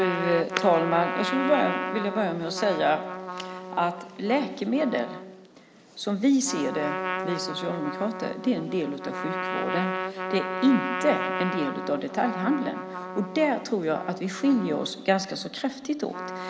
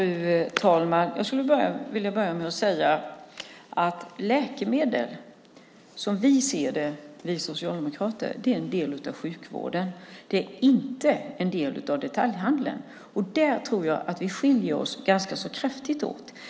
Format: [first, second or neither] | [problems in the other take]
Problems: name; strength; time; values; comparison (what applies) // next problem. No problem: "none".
second | background sound (Trumpet); 6 dB below the speech